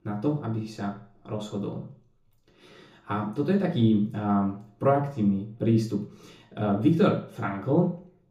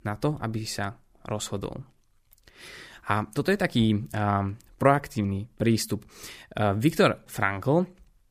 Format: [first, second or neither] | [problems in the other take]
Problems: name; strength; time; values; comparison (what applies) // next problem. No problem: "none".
second | room echo; noticeable; dies away in 0.8 s // off-mic speech; far